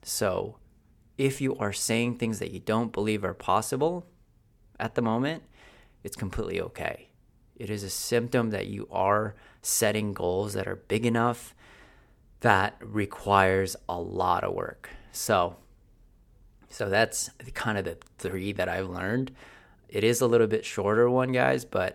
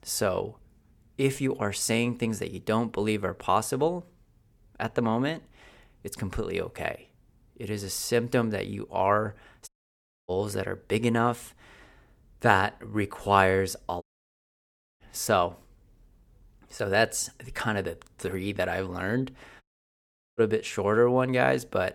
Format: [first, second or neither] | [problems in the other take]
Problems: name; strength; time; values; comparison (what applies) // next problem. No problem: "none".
first | audio cutting out; at 9.5 s for 0.5 s, at 14 s for 1 s and at 20 s for 1 s